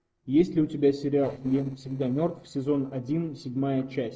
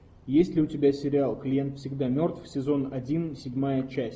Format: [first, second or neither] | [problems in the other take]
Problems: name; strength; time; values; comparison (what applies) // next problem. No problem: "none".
second | noise reduction (neural separator model SepFormer DNS4)